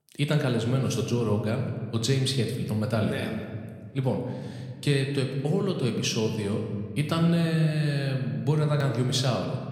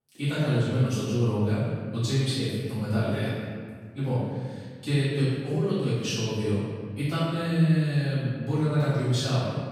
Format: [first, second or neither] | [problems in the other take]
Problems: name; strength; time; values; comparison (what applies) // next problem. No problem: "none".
first | room echo; strong; dies away in 1.6 s; slight in the first // off-mic speech; far